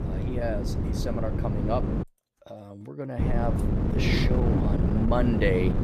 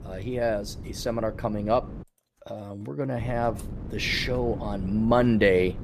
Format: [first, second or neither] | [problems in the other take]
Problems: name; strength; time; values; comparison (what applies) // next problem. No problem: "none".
second | wind noise on the microphone; heavy; until 2 s and from 3 s on; 3 dB below the speech; occasional gusts in the second